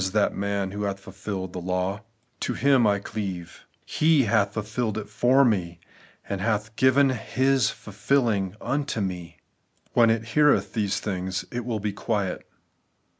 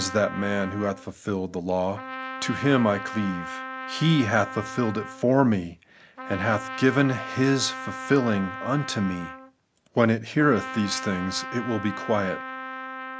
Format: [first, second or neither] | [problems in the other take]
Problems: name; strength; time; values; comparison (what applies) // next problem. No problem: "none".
first | background sound (Trumpet); 11 dB below the speech